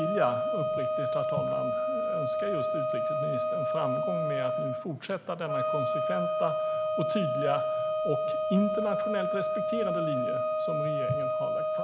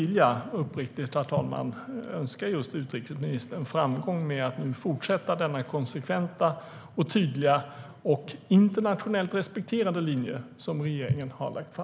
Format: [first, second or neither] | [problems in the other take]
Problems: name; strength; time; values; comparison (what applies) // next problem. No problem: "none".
second | background sound (Wind instrument, woodwind instrument); 5 dB above the speech